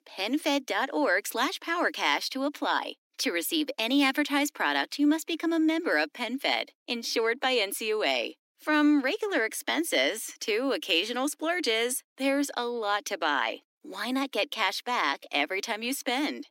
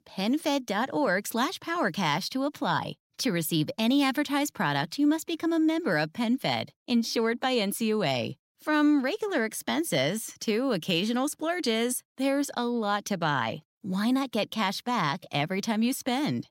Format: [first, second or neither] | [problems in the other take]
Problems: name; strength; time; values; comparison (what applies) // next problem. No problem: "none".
second | thin; very slightly; fading below 300 Hz